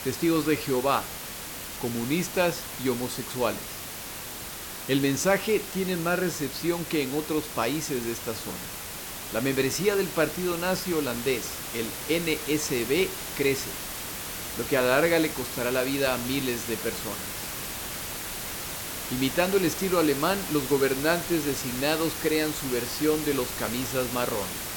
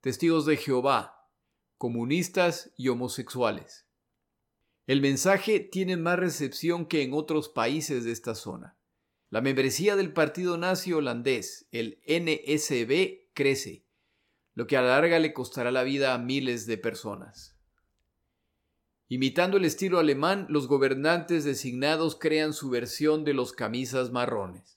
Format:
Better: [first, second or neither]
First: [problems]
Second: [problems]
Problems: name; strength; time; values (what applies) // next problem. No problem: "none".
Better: second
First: hiss; loud; throughout; 6 dB below the speech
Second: none